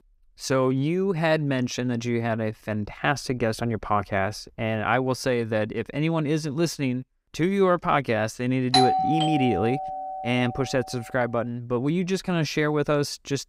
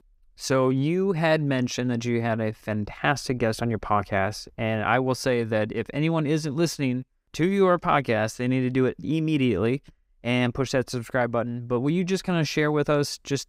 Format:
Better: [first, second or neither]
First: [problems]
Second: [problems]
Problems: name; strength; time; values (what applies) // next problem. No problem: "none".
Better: second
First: doorbell; loud; from 8.5 to 10 s; peak 5 dB above the speech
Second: none